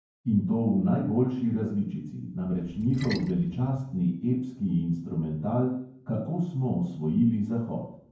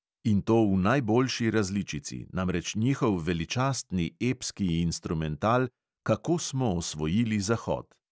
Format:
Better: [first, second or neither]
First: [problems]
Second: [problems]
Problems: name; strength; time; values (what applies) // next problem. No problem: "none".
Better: second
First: background sound (Splash, splatter); 18 dB below the speech // room echo; dies away in 0.9 s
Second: none